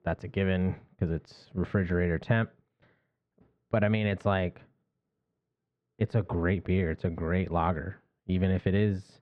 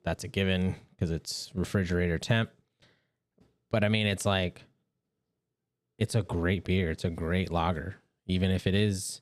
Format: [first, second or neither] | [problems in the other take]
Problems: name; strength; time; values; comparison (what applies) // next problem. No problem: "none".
second | muffled; very; fading above 1.5 kHz